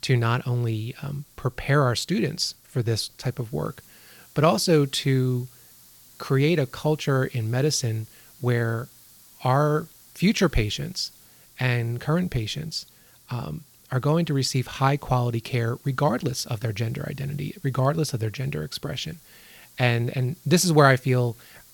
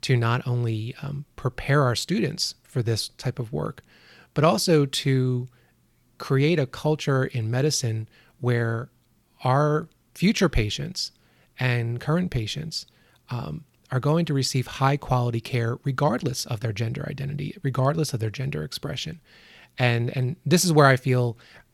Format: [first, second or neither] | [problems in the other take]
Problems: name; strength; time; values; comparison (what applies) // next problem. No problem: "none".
second | hiss; faint; throughout; 25 dB below the speech